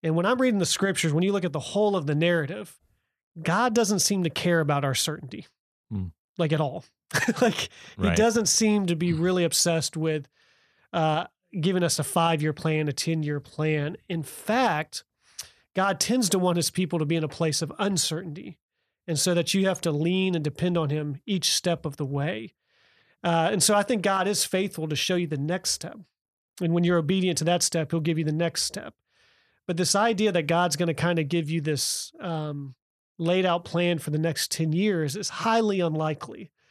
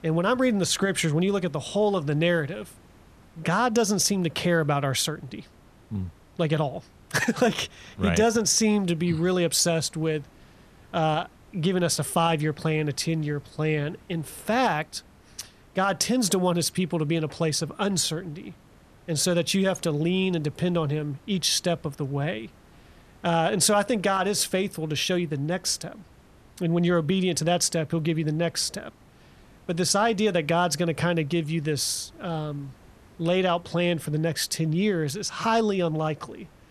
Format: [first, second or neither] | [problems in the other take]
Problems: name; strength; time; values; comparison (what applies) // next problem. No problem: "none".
first | hiss; faint; throughout; 30 dB below the speech